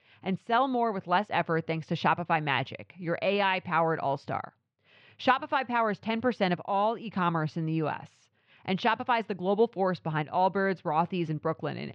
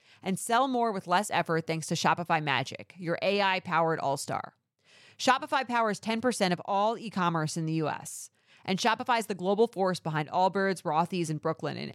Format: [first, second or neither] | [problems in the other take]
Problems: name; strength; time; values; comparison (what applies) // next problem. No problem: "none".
second | muffled; slightly; fading above 3.5 kHz